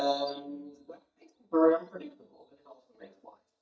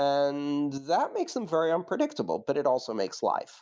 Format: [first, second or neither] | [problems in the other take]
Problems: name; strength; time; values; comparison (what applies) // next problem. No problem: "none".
second | noise reduction (neural mask model DeepFilterNet 3)